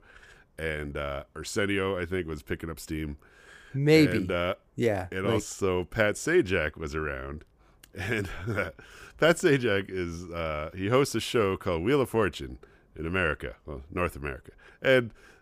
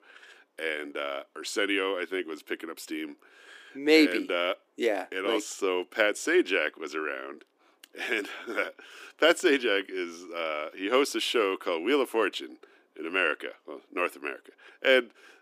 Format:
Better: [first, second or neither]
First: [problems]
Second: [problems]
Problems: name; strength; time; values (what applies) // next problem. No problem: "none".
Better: first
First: none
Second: thin; very slightly; fading below 300 Hz